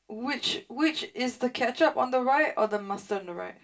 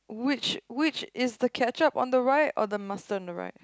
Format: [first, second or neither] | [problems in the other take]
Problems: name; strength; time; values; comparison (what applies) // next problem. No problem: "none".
second | room echo; dies away in 0.2 s